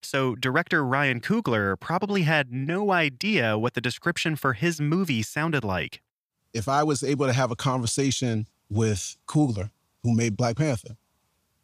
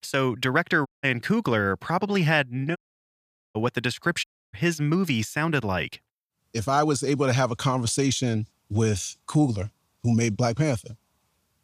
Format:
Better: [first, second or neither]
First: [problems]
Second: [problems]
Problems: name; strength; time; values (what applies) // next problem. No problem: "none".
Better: first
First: none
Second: audio cutting out; at 1 s, at 3 s for 1 s and at 4 s